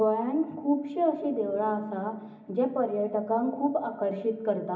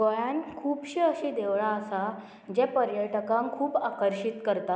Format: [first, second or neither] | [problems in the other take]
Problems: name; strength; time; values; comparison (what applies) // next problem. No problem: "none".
second | room echo; dies away in 0.4 s